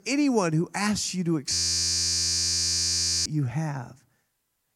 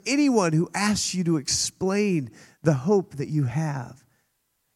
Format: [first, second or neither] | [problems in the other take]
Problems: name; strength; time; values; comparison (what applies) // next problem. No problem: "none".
second | audio freezing; at 1.5 s for 1.5 s